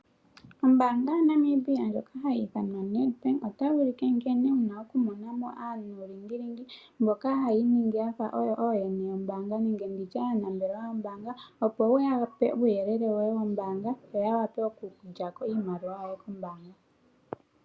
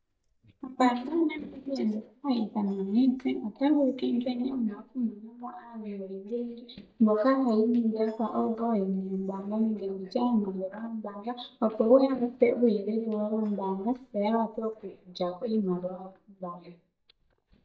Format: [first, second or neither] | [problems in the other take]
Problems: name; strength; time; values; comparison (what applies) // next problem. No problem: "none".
first | noise reduction (neural mask model DeepFilterNet 3)